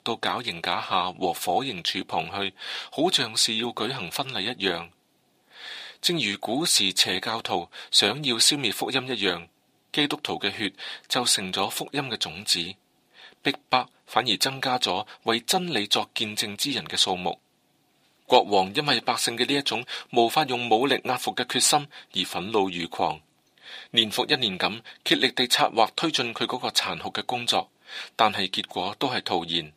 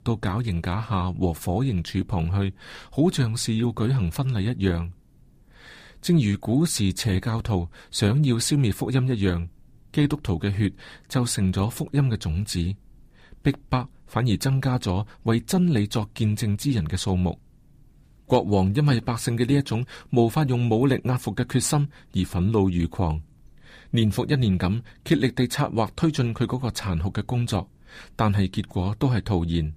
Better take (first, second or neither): second